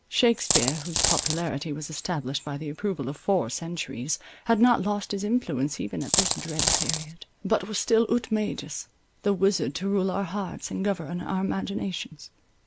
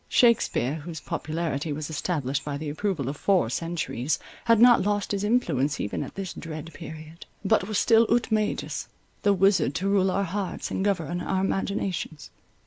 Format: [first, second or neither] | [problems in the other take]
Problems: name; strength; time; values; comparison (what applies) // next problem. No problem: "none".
second | background sound (Coin (dropping)); 1 dB above the speech